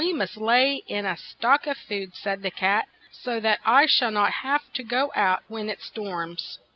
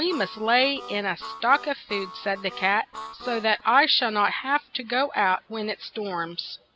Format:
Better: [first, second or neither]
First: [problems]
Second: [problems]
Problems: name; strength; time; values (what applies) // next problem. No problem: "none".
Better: first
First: none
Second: background sound (Harmonica); 15 dB below the speech